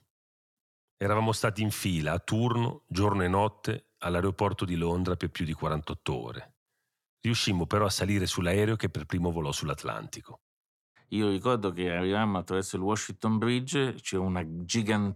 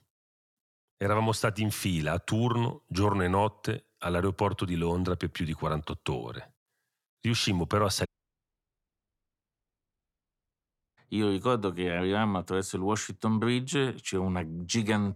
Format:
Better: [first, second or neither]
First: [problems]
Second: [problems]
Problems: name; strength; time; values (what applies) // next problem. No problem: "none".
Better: first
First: none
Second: audio cutting out; at 8 s for 3 s